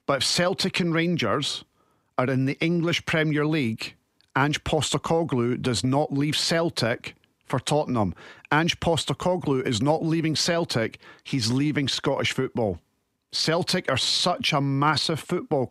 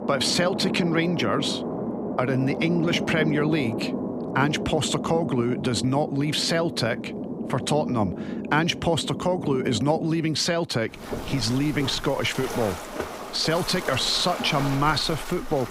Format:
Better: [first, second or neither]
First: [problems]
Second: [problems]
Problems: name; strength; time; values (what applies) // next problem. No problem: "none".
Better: first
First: none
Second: rain or running water; loud; throughout; 7 dB below the speech